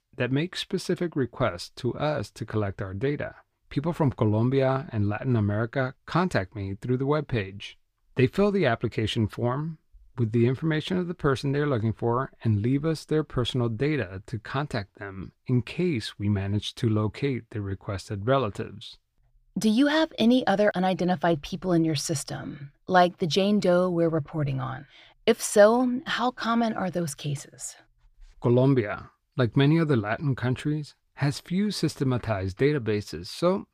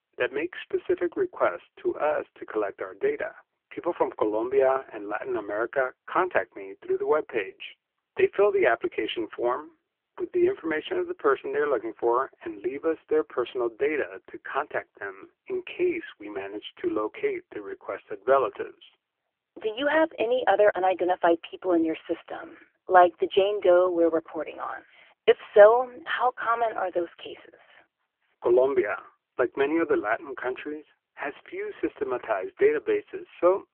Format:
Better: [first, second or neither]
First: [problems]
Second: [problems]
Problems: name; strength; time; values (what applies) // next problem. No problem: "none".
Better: first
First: none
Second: phone-call audio; poor line; nothing above 3 kHz